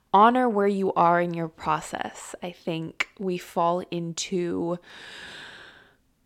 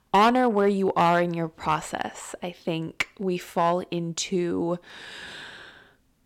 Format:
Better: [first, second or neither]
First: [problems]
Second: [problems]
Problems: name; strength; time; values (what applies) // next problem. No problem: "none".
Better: first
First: none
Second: distortion; slight; 2% of the sound clipped